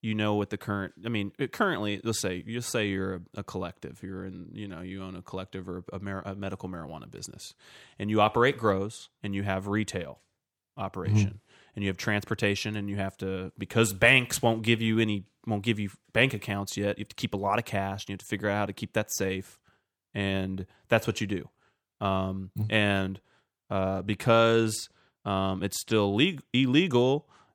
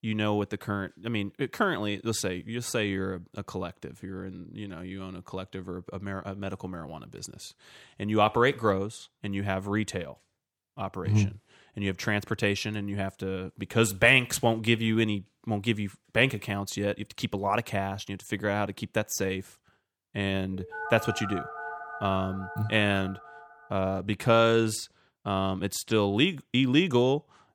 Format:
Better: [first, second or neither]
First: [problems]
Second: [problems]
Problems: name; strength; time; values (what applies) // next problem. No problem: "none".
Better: first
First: none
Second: phone ringing; noticeable; from 21 to 24 s; peak 7 dB below the speech